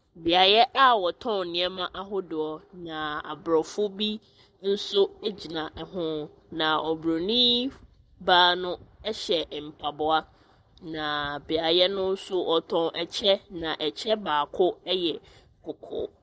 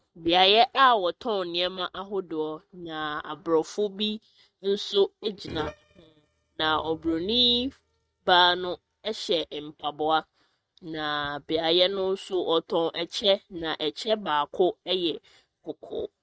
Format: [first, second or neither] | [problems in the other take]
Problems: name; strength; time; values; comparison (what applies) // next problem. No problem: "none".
first | noise reduction (neural mask model RNNoise)